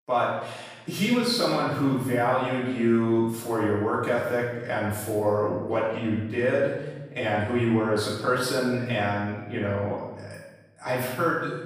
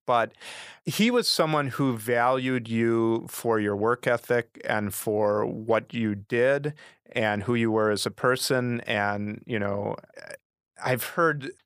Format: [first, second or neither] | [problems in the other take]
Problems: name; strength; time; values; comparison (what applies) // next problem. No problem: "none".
second | room echo; noticeable; dies away in 1 s // off-mic speech; far